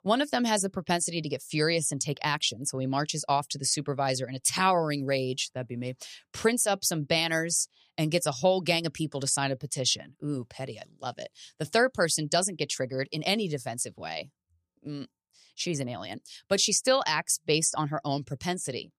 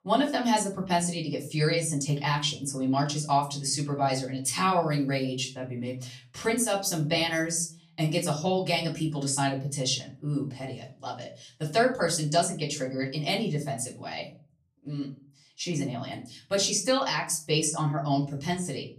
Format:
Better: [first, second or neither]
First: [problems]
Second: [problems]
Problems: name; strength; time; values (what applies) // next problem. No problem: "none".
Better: first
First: none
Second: off-mic speech; far // room echo; slight; dies away in 0.4 s